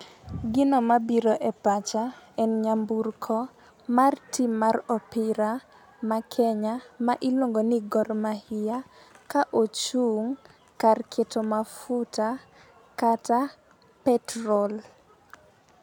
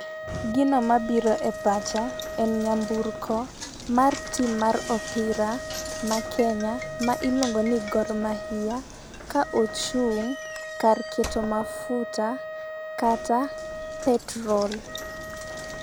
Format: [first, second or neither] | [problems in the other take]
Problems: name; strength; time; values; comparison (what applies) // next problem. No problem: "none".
first | background sound (Wind instrument, woodwind instrument + Knock); 8 dB below the speech